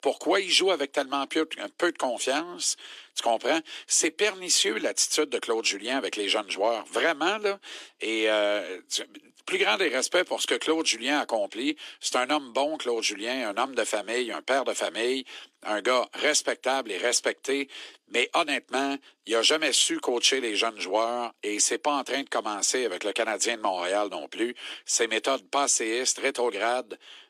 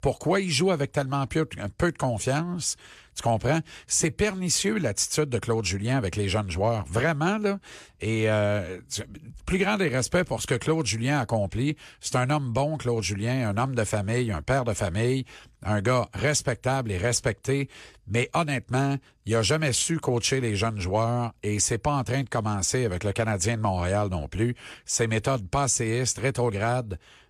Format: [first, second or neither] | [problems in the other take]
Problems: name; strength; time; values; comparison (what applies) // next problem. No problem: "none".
second | thin; somewhat; fading below 300 Hz